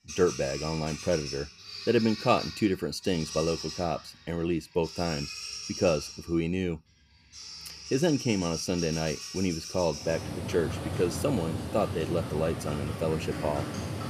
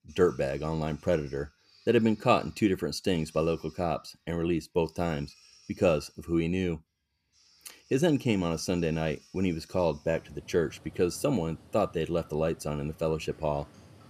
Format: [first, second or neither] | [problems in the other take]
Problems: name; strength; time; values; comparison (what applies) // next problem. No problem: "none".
second | animal sounds; loud; throughout; 7 dB below the speech; faint in the second